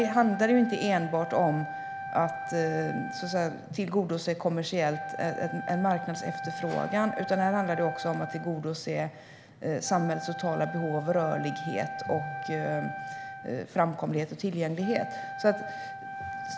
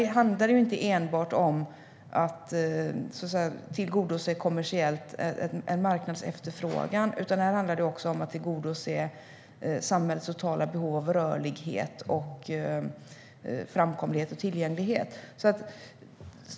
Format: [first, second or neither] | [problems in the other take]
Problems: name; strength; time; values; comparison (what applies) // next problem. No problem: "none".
second | background sound (Wind instrument, woodwind instrument); 9 dB below the speech